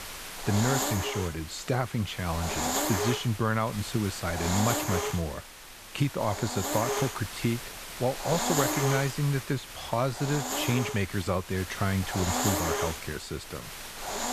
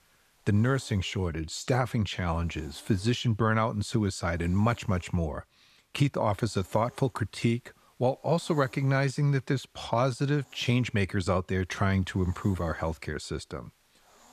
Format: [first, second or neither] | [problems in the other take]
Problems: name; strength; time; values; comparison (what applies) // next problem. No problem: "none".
second | hiss; loud; throughout; 2 dB below the speech; faint in the second